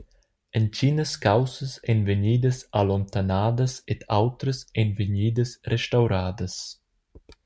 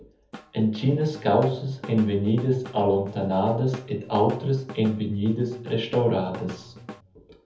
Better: first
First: none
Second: background sound (Drum / Drum kit); 18 dB below the speech // room echo; dies away in 0.7 s

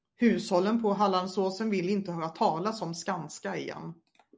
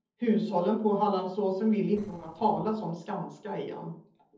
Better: first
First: none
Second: noise reduction (neural separator model SepFormer DNS4)

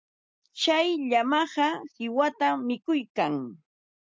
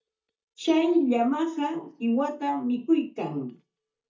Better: first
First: none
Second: noise reduction (neural mask model DeepFilterNet 3)

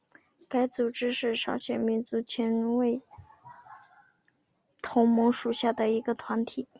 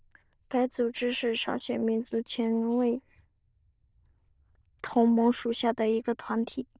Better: first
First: none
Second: noise reduction (neural diffusion model UNIVERSE++)

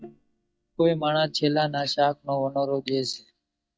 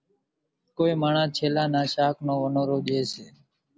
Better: second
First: noise reduction (neural mask model DeepFilterNet 3)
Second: none

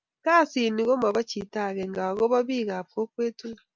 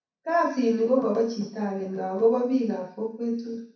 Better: first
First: none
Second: room echo; dies away in 0.6 s

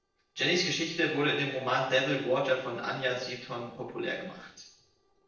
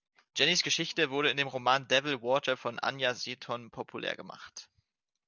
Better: second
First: noise reduction (neural separator model SepFormer DNS4)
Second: none

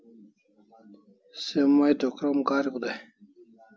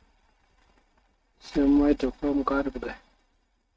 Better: first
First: none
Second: noise reduction (neural mask model RNNoise)

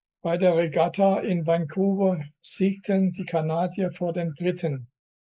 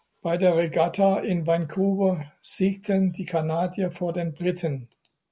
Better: second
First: noise reduction (neural mask model Resemble Enhance denoiser)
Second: none

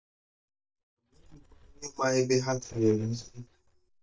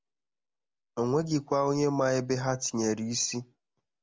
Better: second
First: noise reduction (neural mask model DeepFilterNet 3)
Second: none

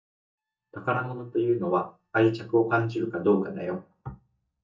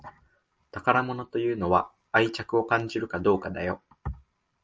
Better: second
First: noise reduction (neural mask model DeepFilterNet 3)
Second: none

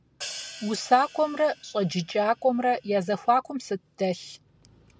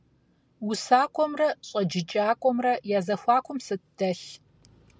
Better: second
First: background sound (Hi-hat); 18 dB below the speech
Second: none

